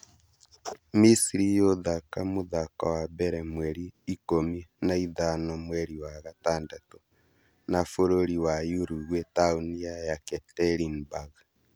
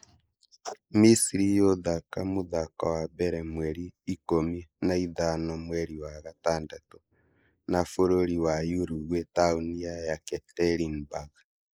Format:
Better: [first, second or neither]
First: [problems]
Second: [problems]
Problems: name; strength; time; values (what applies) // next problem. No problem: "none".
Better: first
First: none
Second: noise reduction (neural mask model Resemble Enhance denoiser)